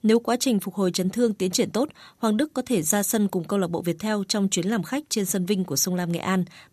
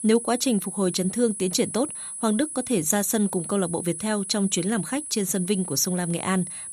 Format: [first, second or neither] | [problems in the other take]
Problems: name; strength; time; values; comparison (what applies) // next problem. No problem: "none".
first | high-pitched whine; loud; throughout; 10 kHz, 7 dB below the speech